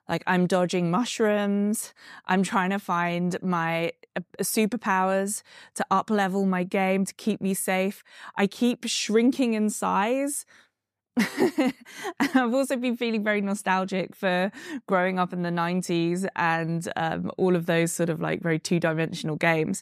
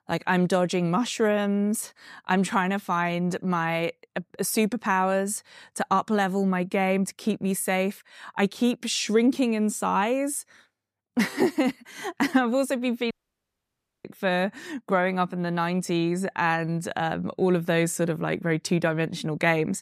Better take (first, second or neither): first